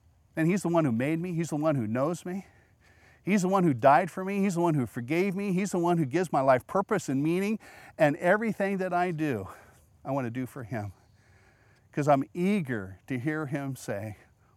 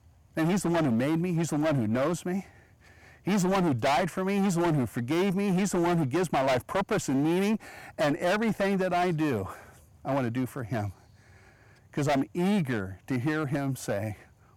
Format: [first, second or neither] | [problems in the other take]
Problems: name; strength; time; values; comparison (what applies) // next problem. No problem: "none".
first | distortion; heavy; 17% of the sound clipped